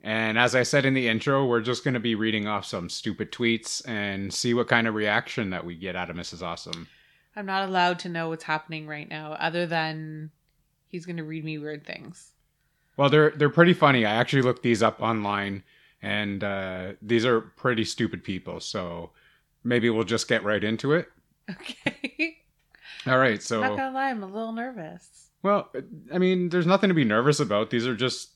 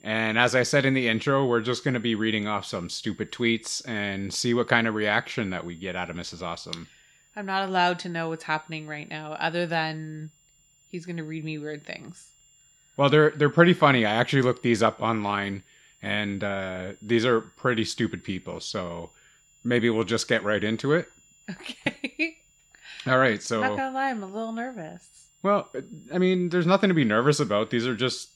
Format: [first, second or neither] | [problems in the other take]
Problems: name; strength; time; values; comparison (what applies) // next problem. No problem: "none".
first | high-pitched whine; faint; throughout; 7.5 kHz, 35 dB below the speech